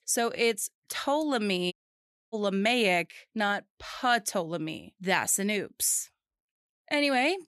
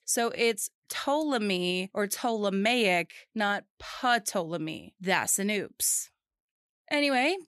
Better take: second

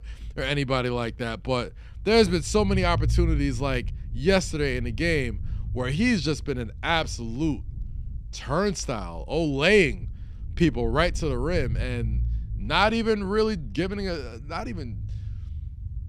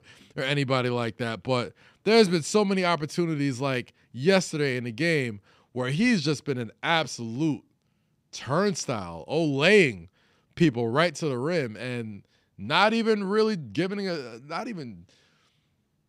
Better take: second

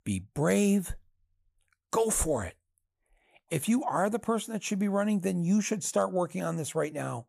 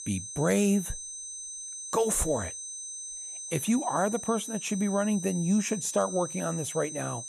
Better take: first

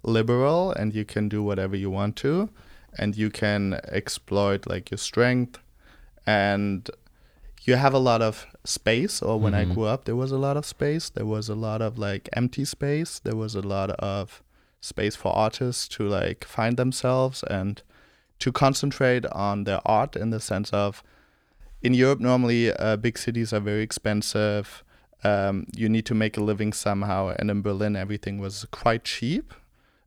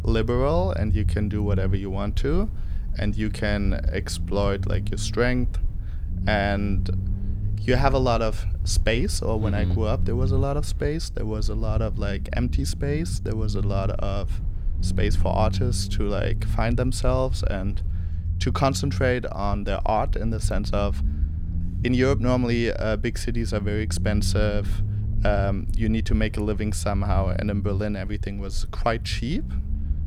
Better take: first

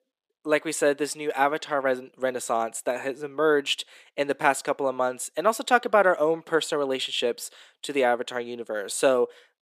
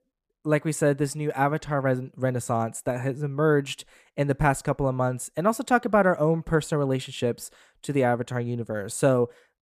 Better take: second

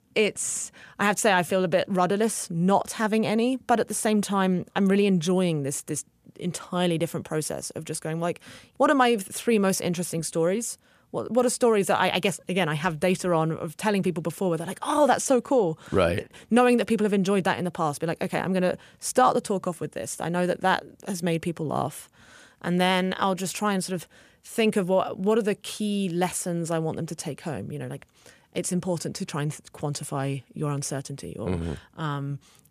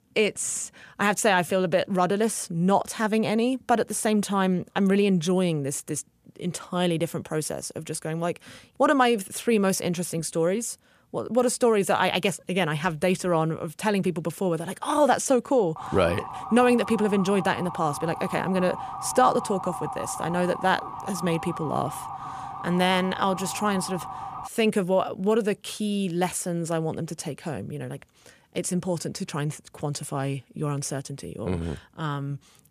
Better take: first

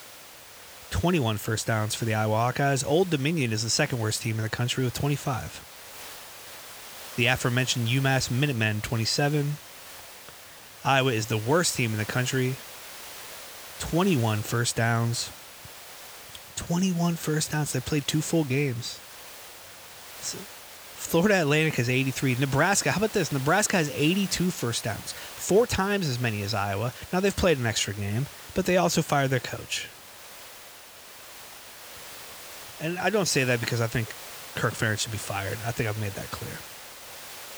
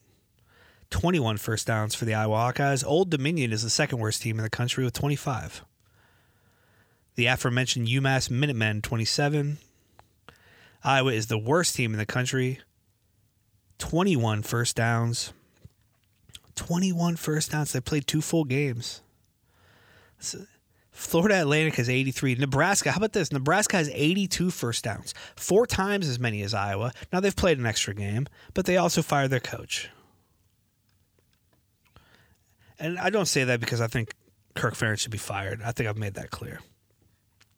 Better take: second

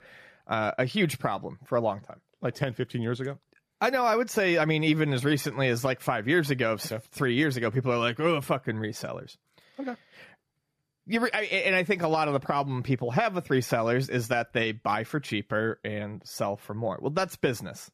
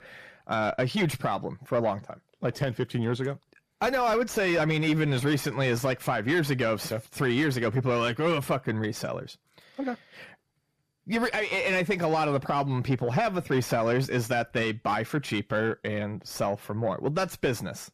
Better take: first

